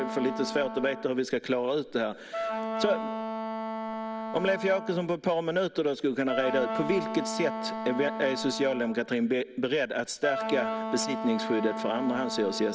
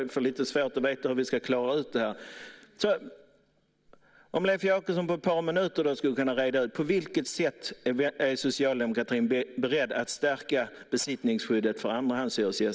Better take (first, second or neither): second